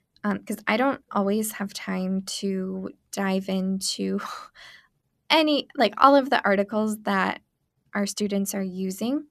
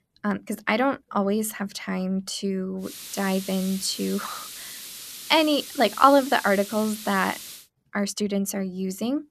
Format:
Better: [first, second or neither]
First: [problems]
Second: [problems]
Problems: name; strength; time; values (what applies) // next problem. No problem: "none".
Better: first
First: none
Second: hiss; noticeable; from 3 to 7.5 s; 10 dB below the speech